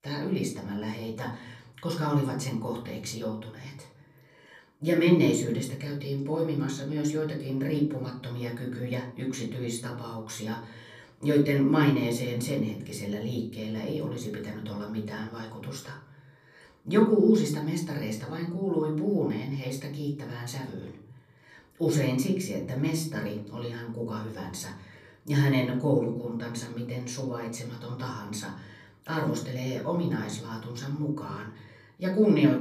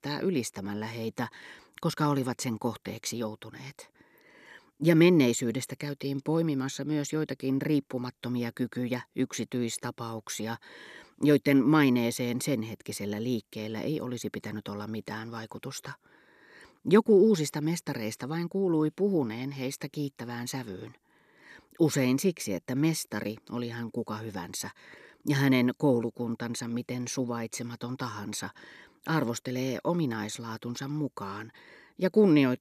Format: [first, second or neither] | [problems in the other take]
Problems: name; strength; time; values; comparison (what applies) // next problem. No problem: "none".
second | off-mic speech; far // room echo; slight; dies away in 0.7 s